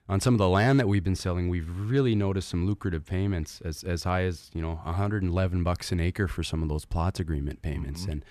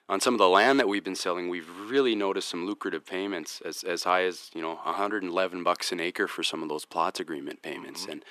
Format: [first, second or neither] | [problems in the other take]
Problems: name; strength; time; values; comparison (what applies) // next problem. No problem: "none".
first | thin; very; fading below 300 Hz